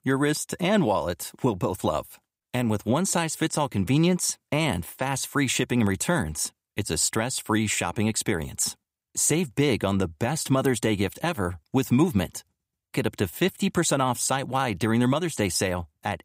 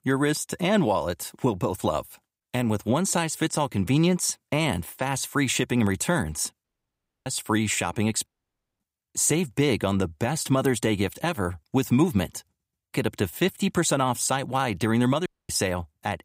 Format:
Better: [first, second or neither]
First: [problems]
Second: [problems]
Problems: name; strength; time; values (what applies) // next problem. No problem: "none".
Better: first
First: none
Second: audio cutting out; at 6.5 s for 0.5 s, at 8.5 s for 0.5 s and at 15 s